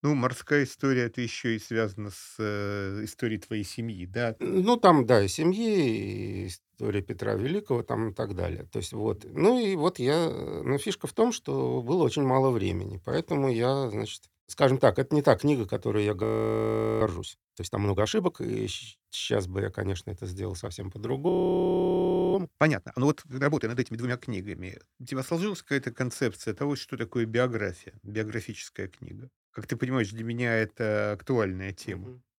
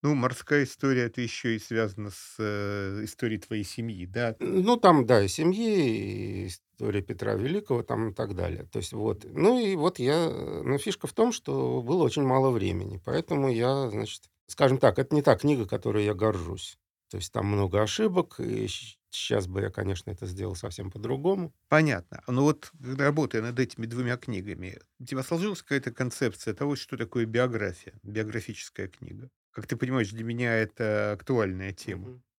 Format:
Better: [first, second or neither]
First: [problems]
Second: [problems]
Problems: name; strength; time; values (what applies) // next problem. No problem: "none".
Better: second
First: audio freezing; at 16 s for 1 s and at 21 s for 1 s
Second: none